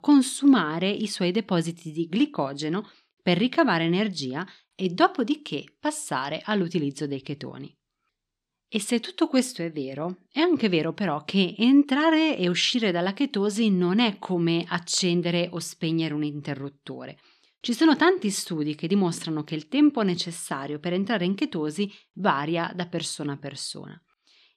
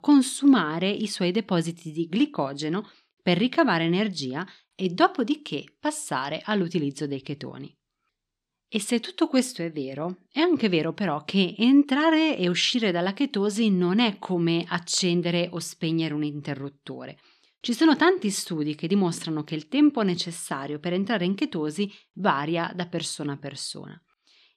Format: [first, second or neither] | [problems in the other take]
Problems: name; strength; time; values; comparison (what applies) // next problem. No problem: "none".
neither | none